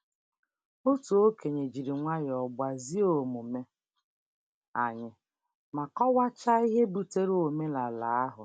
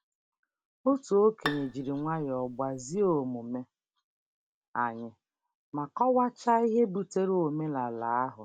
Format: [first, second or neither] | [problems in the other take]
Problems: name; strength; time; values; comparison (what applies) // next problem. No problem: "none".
first | background sound (Bowed string instrument); 12 dB below the speech